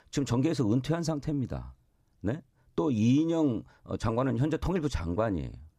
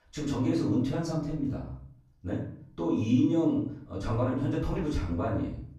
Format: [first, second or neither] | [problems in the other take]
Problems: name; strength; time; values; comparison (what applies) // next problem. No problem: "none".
first | off-mic speech; far // room echo; noticeable; dies away in 0.5 s